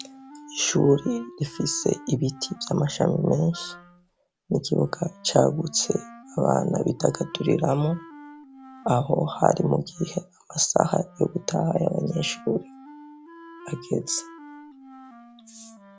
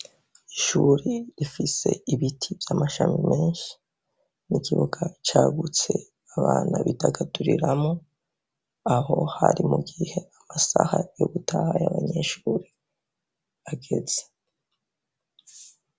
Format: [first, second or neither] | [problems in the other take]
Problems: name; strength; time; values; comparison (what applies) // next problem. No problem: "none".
second | background sound (Wind instrument, woodwind instrument + Wind instrument, woodwind instrument); 20 dB below the speech